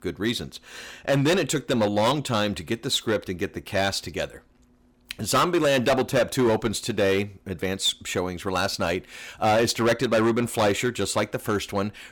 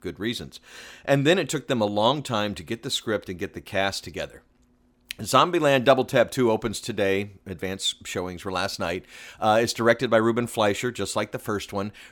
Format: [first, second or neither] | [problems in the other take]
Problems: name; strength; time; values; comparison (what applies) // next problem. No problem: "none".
second | distortion; heavy; 7% of the sound clipped